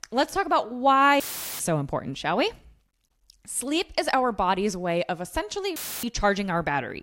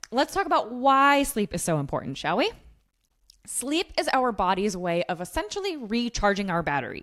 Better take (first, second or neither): second